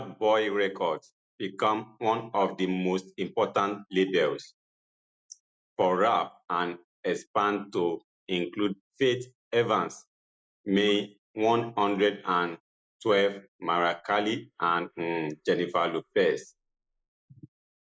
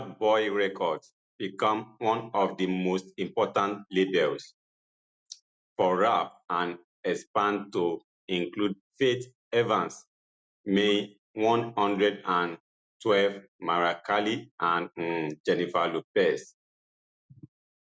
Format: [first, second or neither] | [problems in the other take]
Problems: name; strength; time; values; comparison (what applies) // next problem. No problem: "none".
second | noise reduction (neural mask model Resemble Enhance denoiser)